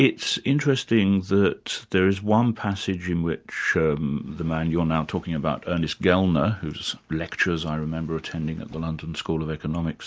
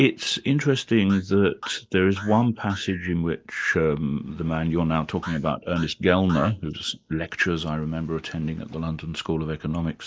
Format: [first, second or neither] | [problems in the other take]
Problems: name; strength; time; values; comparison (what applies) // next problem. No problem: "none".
first | noise reduction (neural mask model Resemble Enhance denoiser)